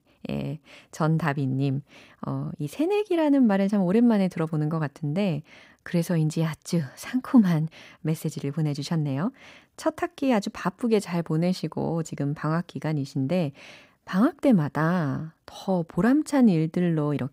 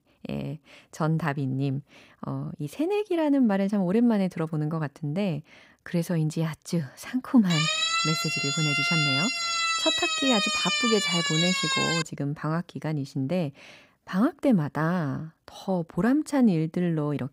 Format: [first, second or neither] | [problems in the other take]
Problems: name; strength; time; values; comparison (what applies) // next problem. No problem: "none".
first | siren; loud; from 7.5 to 12 s; peak 5 dB above the speech